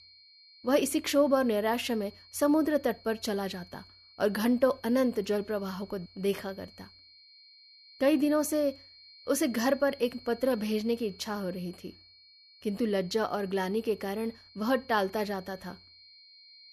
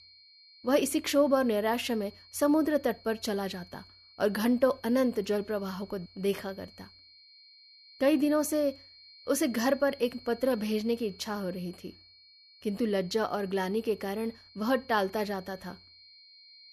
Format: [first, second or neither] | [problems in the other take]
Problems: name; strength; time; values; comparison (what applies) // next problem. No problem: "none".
neither | high-pitched whine; faint; throughout; 4.5 kHz, 25 dB below the speech; the same in both